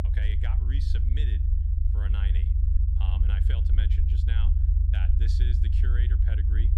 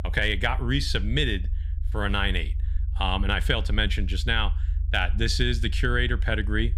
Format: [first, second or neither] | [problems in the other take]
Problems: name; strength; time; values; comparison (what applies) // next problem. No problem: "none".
second | low rumble; loud; throughout; as loud as the speech; faint in the second